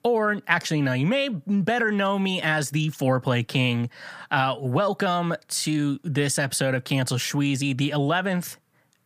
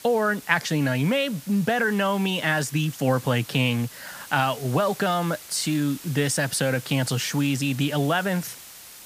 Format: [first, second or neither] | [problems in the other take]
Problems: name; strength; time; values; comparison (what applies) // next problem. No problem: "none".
first | hiss; noticeable; throughout; 15 dB below the speech